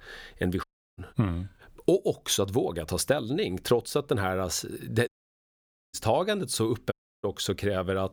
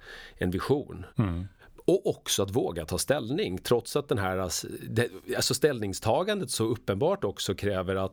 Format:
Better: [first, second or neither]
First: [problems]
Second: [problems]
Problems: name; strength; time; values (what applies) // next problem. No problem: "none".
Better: second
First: audio cutting out; at 0.5 s, at 5 s for 1 s and at 7 s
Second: none